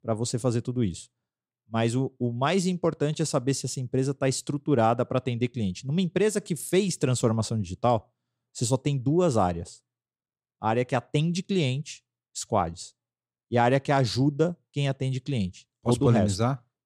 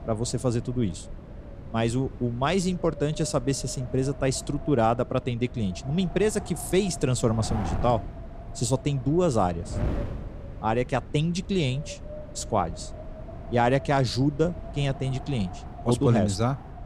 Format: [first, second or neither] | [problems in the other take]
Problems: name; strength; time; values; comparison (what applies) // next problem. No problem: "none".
first | wind noise on the microphone; occasional gusts; 15 dB below the speech